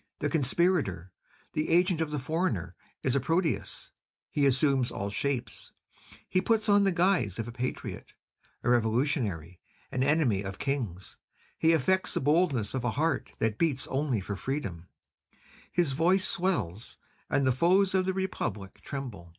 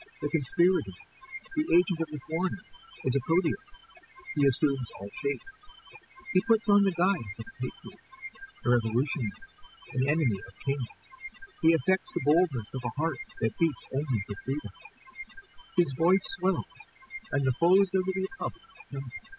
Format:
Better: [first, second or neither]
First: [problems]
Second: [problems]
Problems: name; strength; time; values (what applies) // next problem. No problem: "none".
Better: first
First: none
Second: noise reduction (classical method spectral subtraction)